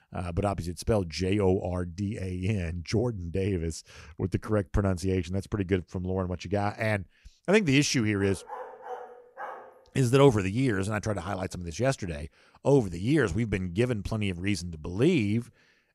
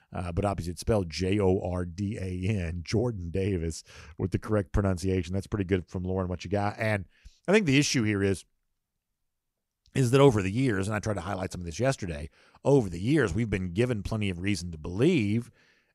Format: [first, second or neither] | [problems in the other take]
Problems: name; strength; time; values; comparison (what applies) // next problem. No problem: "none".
second | dog barking; faint; from 8 to 10 s; peak 10 dB below the speech